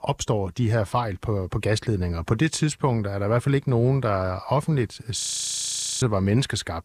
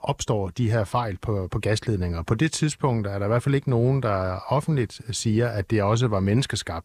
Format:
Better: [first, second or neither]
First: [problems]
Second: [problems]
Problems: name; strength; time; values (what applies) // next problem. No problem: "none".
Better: second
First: audio freezing; at 5 s for 1 s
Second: none